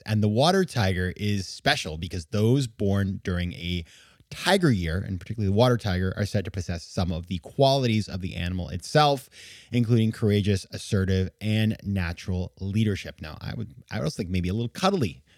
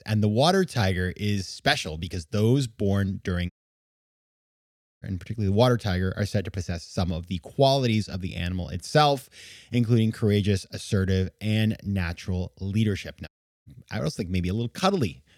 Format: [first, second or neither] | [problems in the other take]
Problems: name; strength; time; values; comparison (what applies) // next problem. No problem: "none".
first | audio cutting out; at 3.5 s for 1.5 s and at 13 s